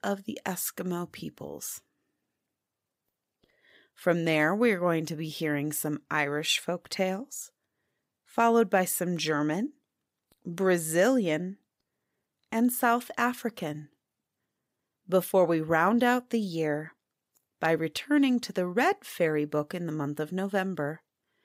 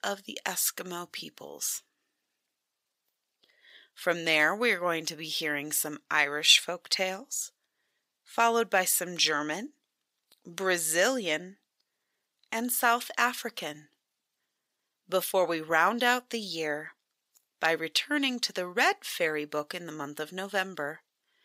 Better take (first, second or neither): first